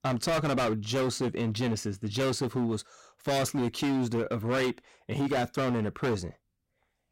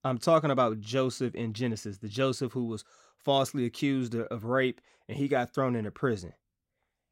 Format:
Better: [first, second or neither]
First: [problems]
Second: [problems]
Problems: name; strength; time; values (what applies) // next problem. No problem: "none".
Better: second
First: distortion; heavy; 21% of the sound clipped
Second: none